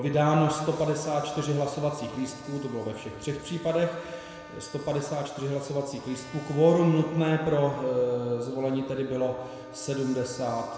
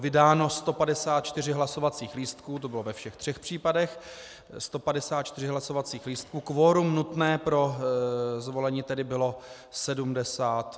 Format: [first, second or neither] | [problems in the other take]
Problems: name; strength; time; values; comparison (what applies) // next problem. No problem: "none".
second | background sound (Trumpet); 19 dB below the speech // room echo; dies away in 2 s